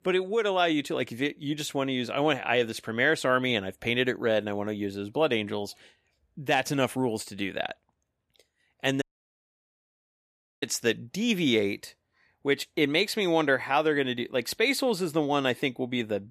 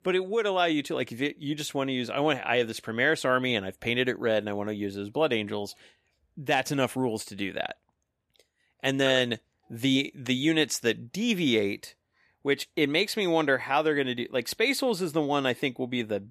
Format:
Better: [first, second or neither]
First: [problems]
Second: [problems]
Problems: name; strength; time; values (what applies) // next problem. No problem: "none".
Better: second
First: audio cutting out; at 9 s for 1.5 s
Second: none